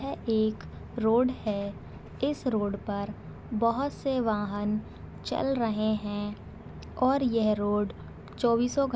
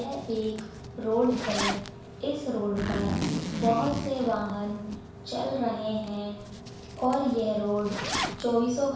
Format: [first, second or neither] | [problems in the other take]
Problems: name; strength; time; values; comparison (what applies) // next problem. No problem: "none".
first | background sound (Zipper (clothing)); 6 dB below the speech // room echo; dies away in 0.7 s